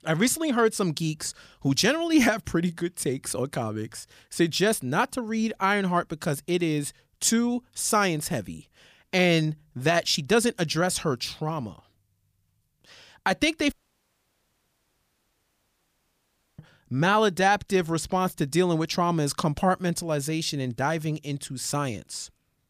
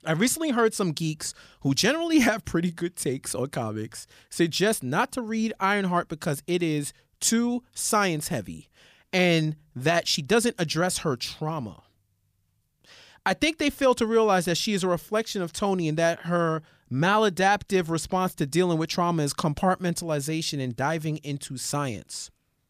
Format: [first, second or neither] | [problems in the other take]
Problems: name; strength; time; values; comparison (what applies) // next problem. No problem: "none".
second | audio cutting out; at 14 s for 3 s